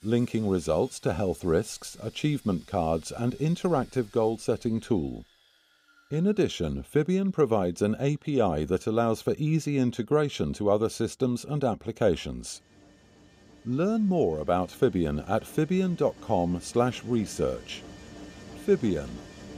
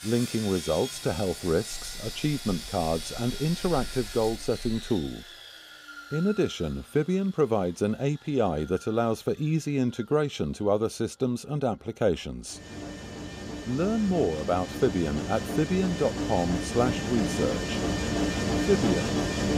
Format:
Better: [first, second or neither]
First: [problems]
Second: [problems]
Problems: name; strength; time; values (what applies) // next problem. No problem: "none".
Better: first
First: machinery noise; faint; throughout; 25 dB below the speech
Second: machinery noise; loud; throughout; 5 dB below the speech